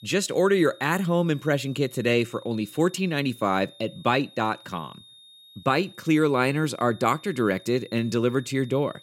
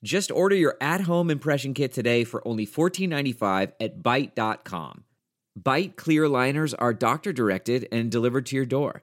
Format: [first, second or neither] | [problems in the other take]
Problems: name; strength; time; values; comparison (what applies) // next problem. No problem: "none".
second | high-pitched whine; faint; throughout; 3.5 kHz, 25 dB below the speech